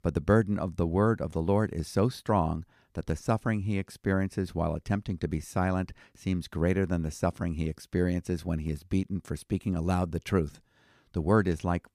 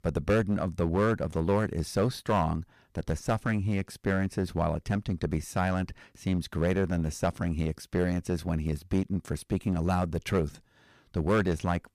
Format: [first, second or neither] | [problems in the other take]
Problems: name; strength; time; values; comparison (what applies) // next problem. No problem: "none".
first | distortion; heavy; 7% of the sound clipped